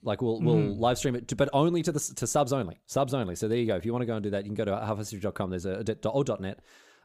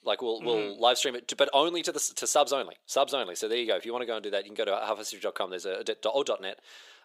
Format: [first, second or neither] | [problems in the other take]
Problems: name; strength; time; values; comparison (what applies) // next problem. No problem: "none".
first | thin; very; fading below 450 Hz